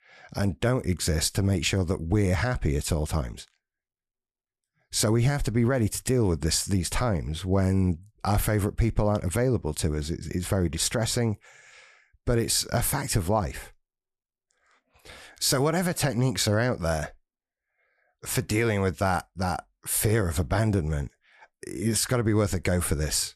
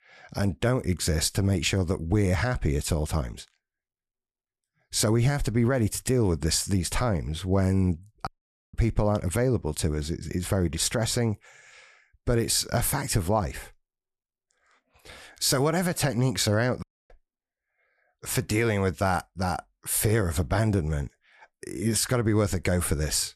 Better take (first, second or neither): first